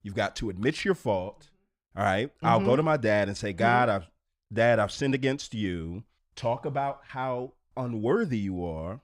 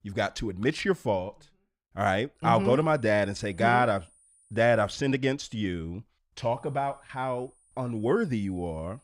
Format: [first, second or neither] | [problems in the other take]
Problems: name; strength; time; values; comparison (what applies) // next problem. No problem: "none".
first | high-pitched whine; faint; from 2.5 to 5 s and from 6.5 s on; 9.5 kHz, 30 dB below the speech